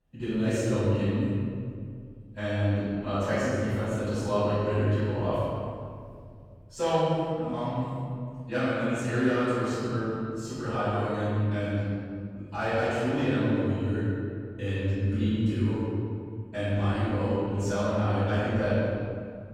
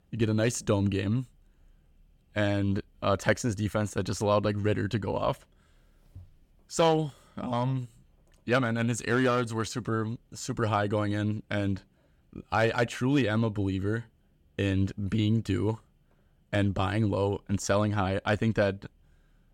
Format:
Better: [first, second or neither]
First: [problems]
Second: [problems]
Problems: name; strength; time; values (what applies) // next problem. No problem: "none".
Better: second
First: off-mic speech; far // room echo; strong; dies away in 2.1 s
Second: none